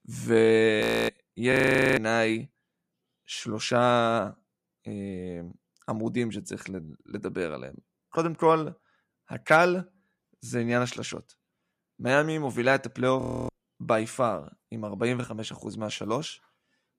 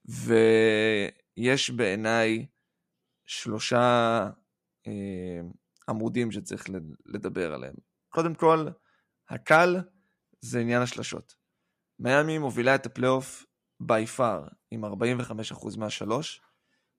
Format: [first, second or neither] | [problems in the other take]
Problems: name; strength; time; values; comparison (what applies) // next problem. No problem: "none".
second | audio freezing; at 1 s, at 1.5 s and at 13 s